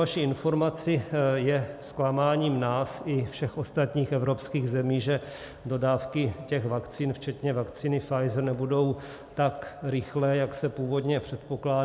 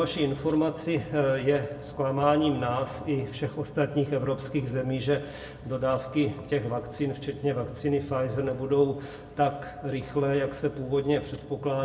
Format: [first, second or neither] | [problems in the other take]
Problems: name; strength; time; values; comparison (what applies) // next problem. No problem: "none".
first | background sound (Vehicle); 18 dB below the speech // room echo; dies away in 0.6 s